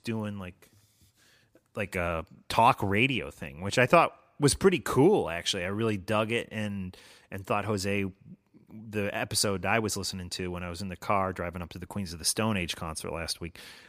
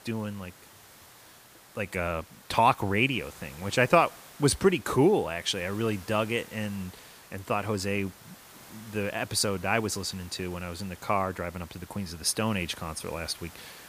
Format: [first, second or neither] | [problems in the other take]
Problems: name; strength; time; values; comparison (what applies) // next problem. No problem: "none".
first | hiss; faint; throughout; 20 dB below the speech